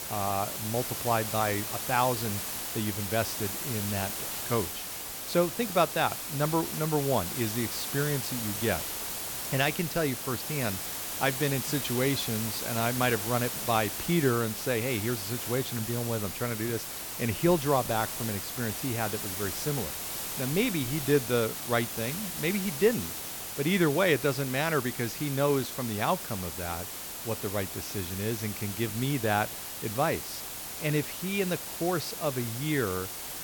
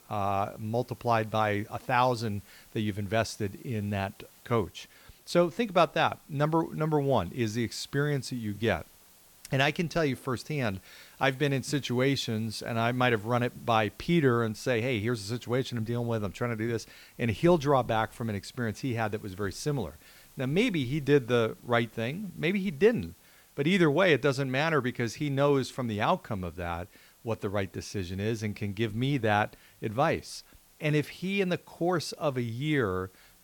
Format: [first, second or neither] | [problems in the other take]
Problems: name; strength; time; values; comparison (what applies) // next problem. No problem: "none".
second | hiss; loud; throughout; 4 dB below the speech; faint in the second